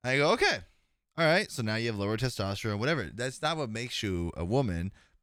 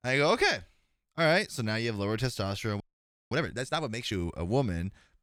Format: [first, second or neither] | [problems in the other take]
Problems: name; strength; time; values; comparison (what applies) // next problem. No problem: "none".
first | audio freezing; at 3 s for 0.5 s